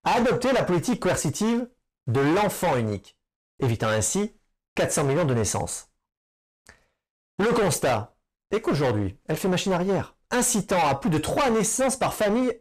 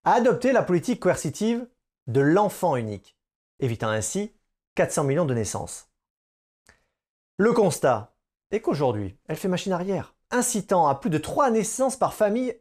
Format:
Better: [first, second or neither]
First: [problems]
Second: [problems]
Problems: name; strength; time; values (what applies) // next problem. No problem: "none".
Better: second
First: distortion; heavy; 19% of the sound clipped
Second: none